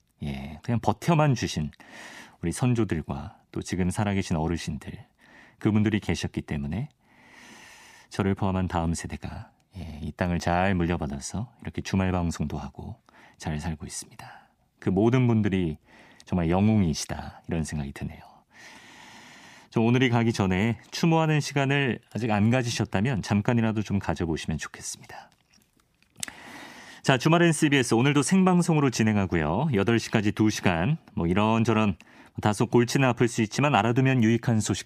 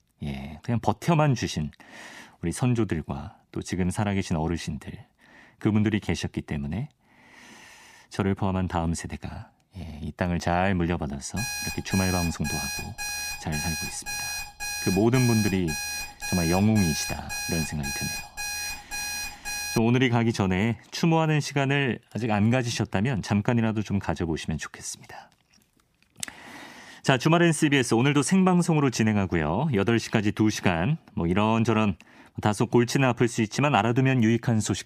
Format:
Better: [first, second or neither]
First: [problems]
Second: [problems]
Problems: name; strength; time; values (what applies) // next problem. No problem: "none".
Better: first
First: none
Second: alarm; noticeable; from 11 to 20 s; peak 4 dB below the speech